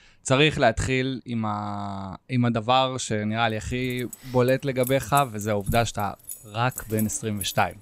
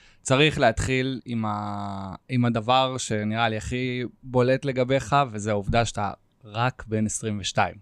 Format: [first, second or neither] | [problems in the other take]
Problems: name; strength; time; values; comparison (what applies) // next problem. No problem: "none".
second | jangling keys; noticeable; from 3.5 s on; peak 9 dB below the speech